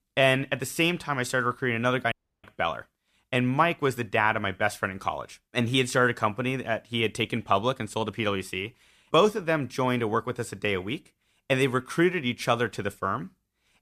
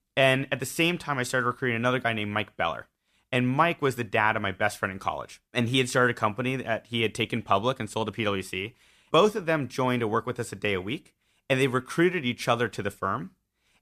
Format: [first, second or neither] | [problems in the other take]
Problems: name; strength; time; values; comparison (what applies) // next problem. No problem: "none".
second | audio cutting out; at 2 s